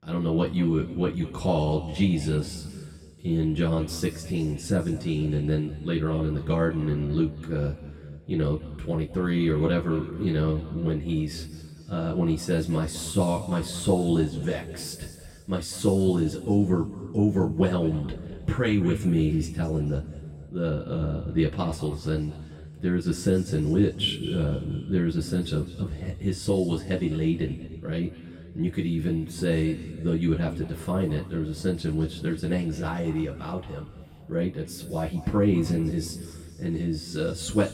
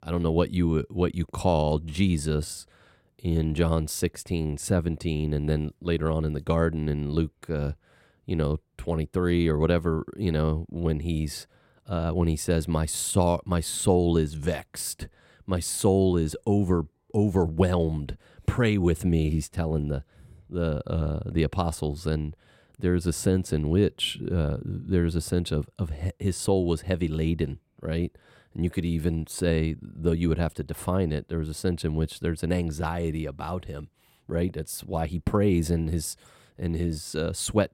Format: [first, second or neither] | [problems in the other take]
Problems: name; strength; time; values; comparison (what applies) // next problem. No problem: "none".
second | room echo; noticeable; dies away in 1.9 s // off-mic speech; far